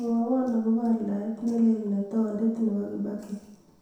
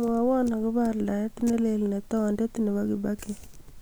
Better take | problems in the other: second | room echo; dies away in 0.7 s

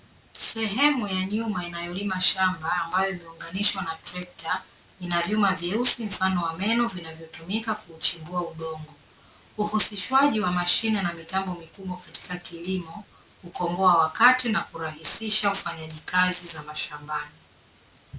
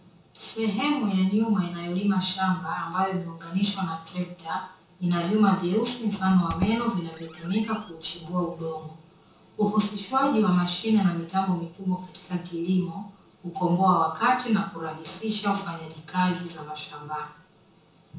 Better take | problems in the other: first | background sound (Squeak); 15 dB below the speech // room echo; dies away in 0.6 s

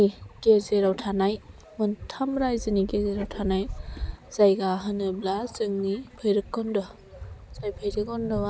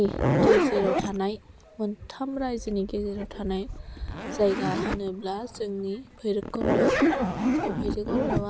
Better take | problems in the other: first | background sound (Zipper (clothing)); 2 dB above the speech

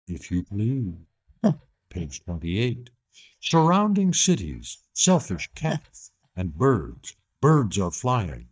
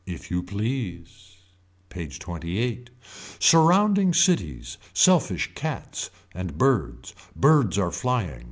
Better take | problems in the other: second | noise reduction (neural mask model DeepFilterNet 3)

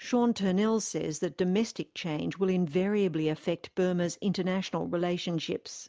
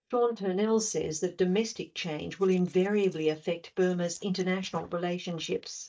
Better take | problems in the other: first | noise reduction (neural mask model DeepFilterNet 3)

